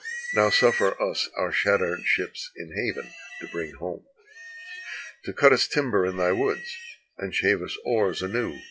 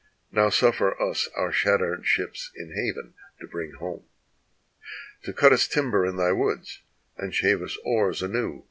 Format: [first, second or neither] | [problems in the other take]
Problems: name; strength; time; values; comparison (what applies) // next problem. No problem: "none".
second | noise reduction (classical method log-MMSE)